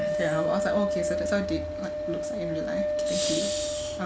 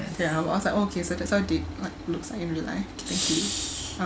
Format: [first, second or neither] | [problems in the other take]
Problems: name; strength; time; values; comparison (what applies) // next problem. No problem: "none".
second | background sound (Wind instrument, woodwind instrument); 2 dB above the speech